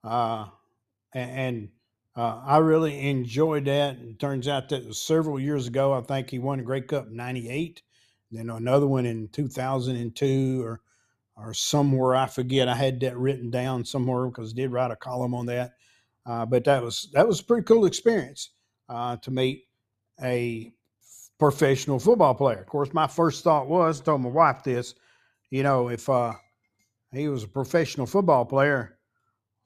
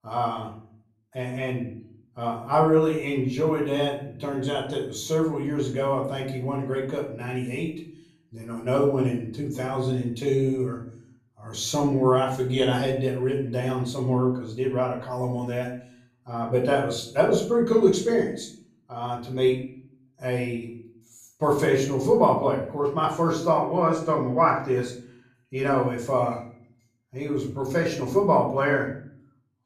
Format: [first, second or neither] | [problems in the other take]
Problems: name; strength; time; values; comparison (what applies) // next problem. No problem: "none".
first | room echo; slight; dies away in 0.5 s // off-mic speech; far